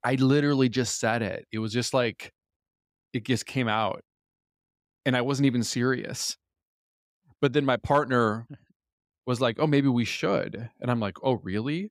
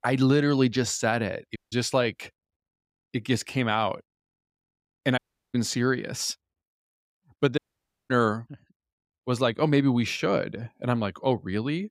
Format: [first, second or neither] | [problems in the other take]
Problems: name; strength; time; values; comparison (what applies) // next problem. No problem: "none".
first | audio cutting out; at 1.5 s, at 5 s and at 7.5 s for 0.5 s